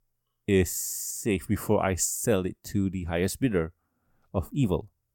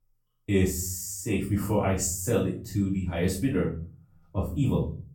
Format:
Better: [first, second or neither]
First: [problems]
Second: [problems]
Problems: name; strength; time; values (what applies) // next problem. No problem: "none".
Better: first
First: none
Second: off-mic speech; far // room echo; slight; dies away in 0.5 s